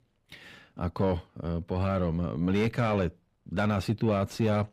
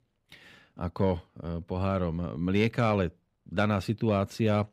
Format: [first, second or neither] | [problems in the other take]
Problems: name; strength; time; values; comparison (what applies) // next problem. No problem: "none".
second | distortion; slight; 10 dB below the speech